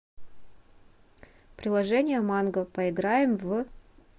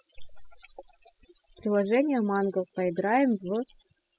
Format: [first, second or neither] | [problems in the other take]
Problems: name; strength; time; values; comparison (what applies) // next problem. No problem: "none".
first | noise reduction (classical method spectral subtraction)